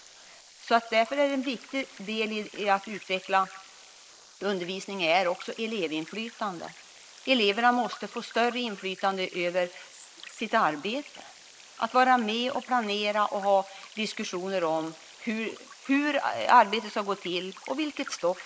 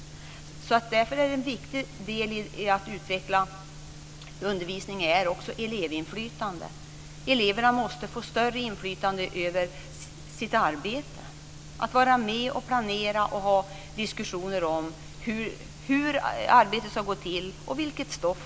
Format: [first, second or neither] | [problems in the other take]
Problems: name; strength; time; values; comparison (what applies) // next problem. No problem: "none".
second | noise reduction (neural mask model Resemble Enhance denoiser)